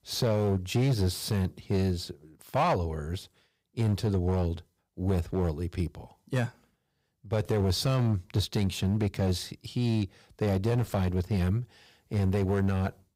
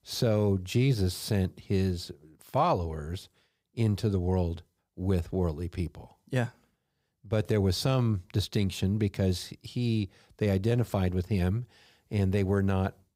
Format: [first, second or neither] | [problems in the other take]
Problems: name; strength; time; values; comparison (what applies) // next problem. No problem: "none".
second | distortion; slight; 6% of the sound clipped